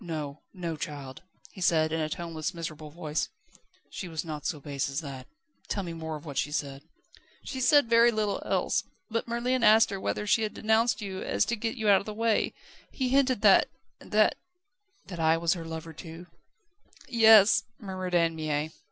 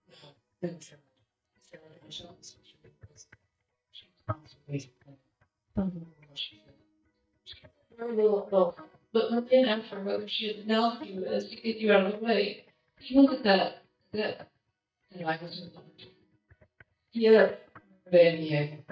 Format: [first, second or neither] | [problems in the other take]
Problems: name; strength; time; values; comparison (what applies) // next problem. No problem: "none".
first | noise reduction (neural mask model DeepFilterNet 3)